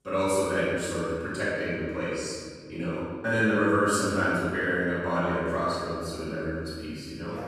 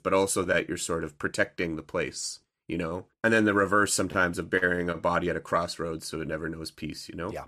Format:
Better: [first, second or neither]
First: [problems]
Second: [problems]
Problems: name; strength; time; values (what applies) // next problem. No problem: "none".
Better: second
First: off-mic speech; far // room echo; strong; dies away in 1.8 s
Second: none